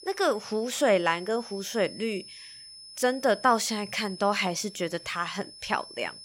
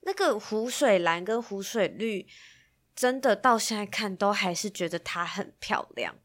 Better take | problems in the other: second | high-pitched whine; noticeable; throughout; 5 kHz, 15 dB below the speech

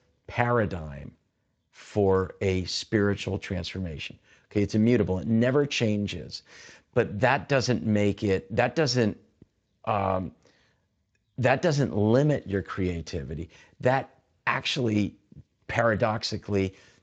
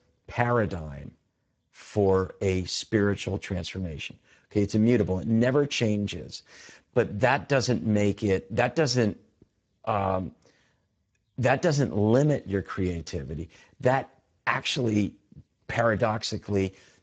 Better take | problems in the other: first | garbled, watery; badly; nothing above 7.5 kHz; slightly in the first

